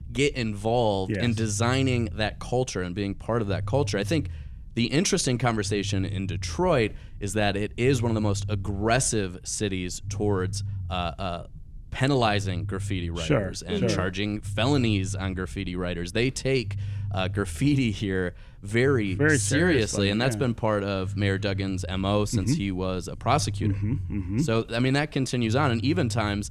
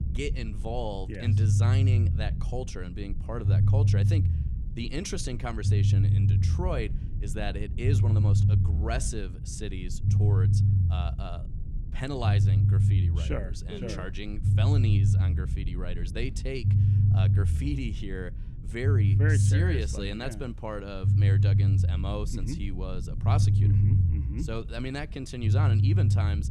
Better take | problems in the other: first | low rumble; loud; throughout; 1 dB below the speech; faint in the first

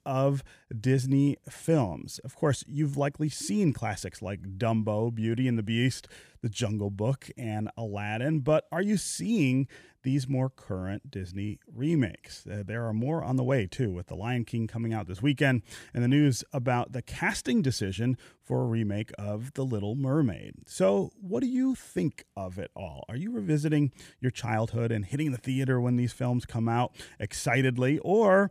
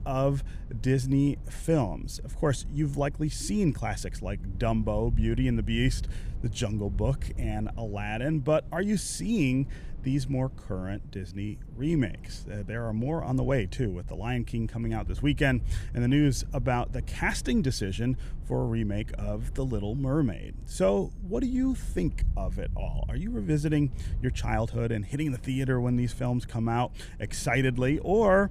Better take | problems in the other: first | low rumble; faint; throughout; 25 dB below the speech

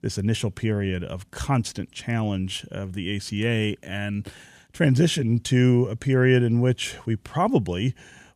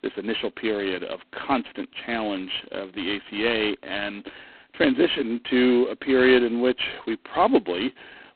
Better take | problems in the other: first | phone-call audio; poor line

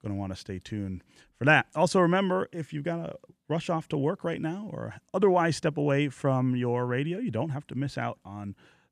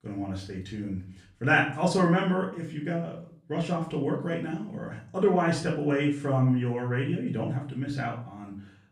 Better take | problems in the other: first | room echo; slight; dies away in 0.4 s // off-mic speech; far

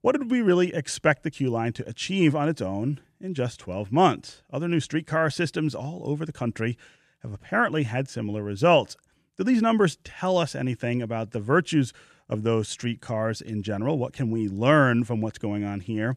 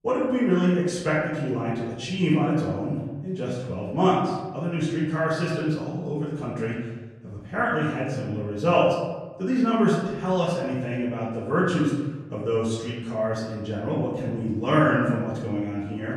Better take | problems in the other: first | off-mic speech; far // room echo; noticeable; dies away in 1.1 s

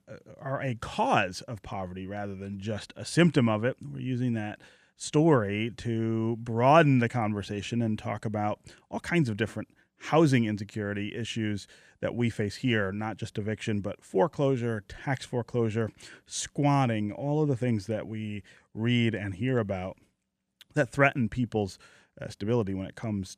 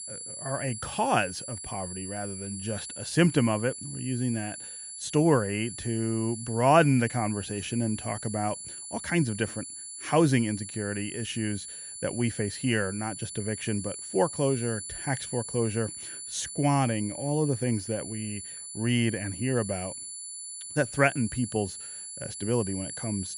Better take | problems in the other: first | high-pitched whine; loud; throughout; 10 kHz, 8 dB below the speech

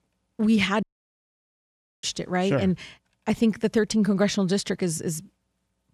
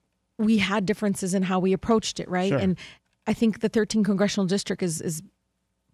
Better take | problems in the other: second | audio cutting out; at 1 s for 1 s

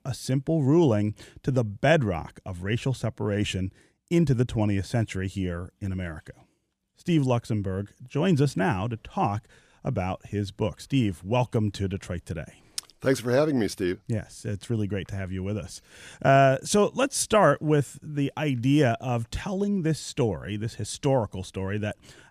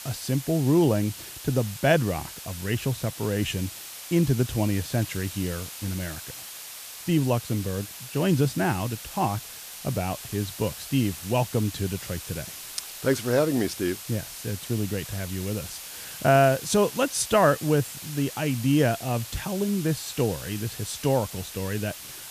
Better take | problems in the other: first | hiss; noticeable; throughout; 10 dB below the speech

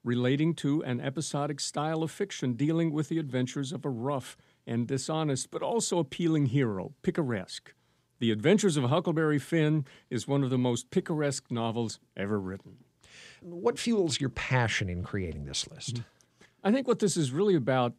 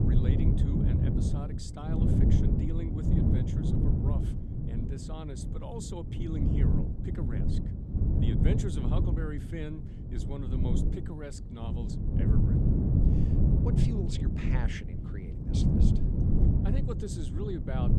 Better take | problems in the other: first | wind noise on the microphone; heavy; 4 dB above the speech

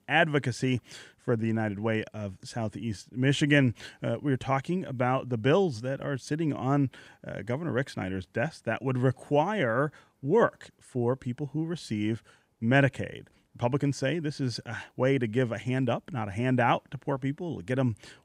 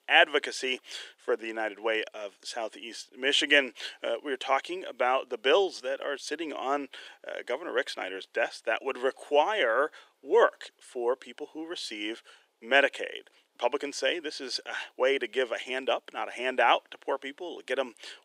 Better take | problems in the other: first | thin; very; fading below 400 Hz

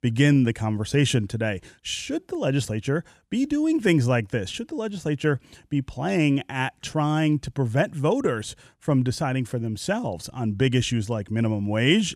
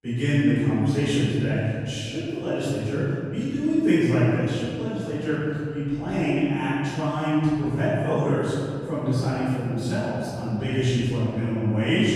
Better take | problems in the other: first | off-mic speech; far // room echo; strong; dies away in 2.3 s

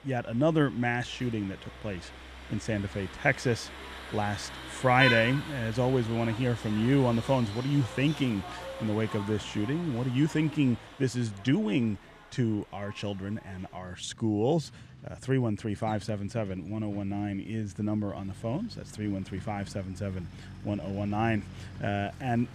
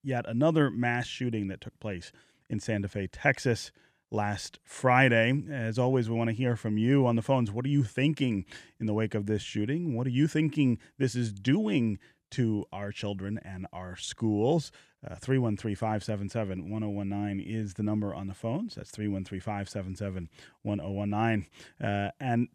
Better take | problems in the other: second | traffic noise; noticeable; throughout; 10 dB below the speech

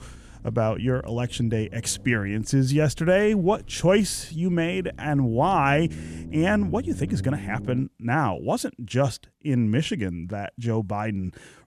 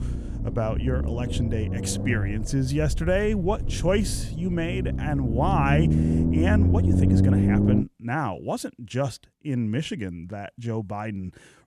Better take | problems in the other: first | low rumble; loud; until 8 s; 3 dB below the speech; faint in the first

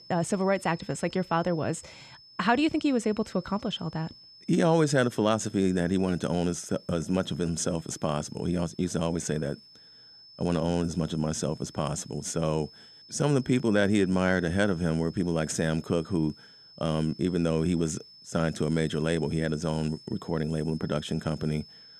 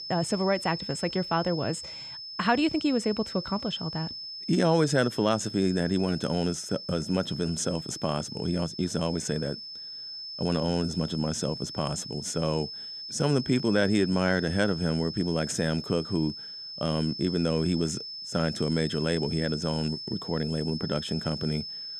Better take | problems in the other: first | high-pitched whine; loud; throughout; 5 kHz, 8 dB below the speech; faint in the first

